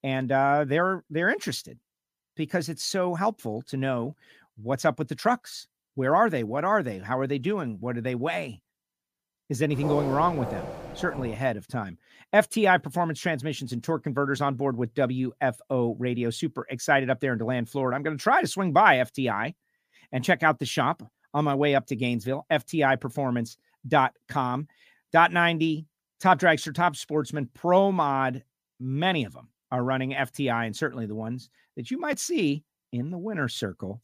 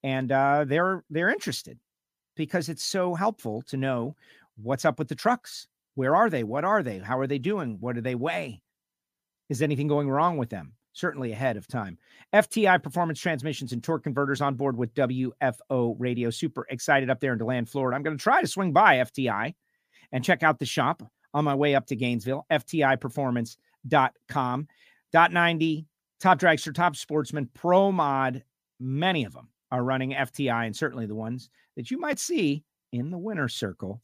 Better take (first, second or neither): second